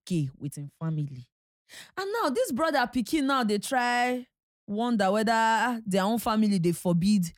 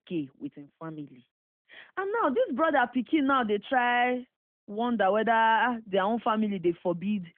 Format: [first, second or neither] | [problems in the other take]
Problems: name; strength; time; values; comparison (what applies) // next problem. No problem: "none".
first | phone-call audio; nothing above 3.5 kHz